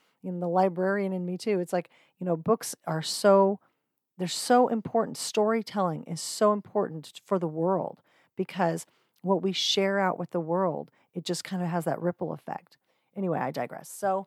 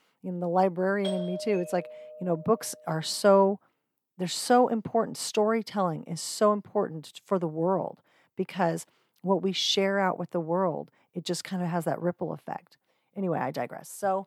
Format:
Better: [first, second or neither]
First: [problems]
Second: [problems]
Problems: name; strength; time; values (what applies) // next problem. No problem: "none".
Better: first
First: none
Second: doorbell; noticeable; from 1 to 2.5 s; peak 7 dB below the speech